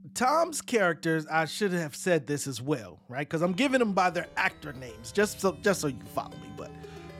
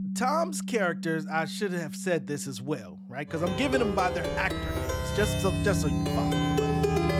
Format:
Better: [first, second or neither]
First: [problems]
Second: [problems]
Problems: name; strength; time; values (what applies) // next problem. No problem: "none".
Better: first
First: background music; faint; throughout; 20 dB below the speech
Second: background music; loud; throughout; as loud as the speech